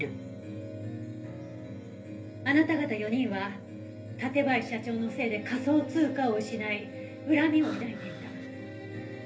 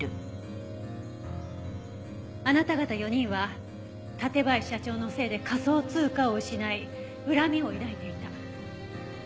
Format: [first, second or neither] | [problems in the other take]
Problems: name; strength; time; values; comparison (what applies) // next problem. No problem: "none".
second | background sound (Breathing); 18 dB below the speech // room echo; dies away in 0.3 s